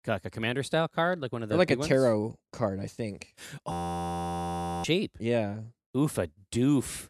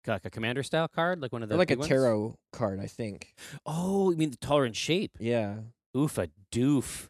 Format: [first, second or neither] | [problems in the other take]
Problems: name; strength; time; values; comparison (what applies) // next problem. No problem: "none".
second | audio freezing; at 3.5 s for 1 s